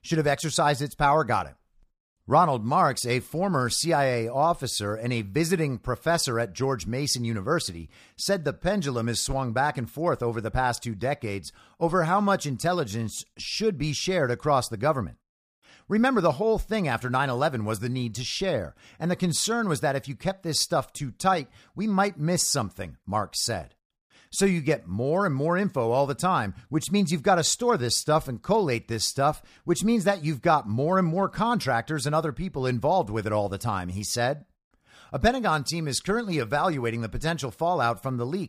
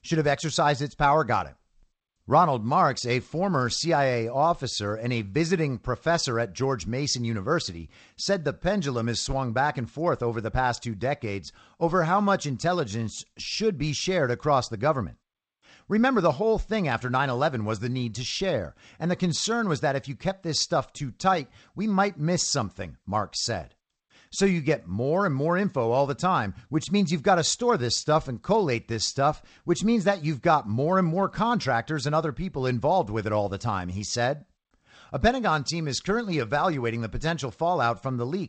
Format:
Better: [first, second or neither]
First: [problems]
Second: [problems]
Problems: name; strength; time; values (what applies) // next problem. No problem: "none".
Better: first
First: none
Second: garbled, watery; slightly; nothing above 8 kHz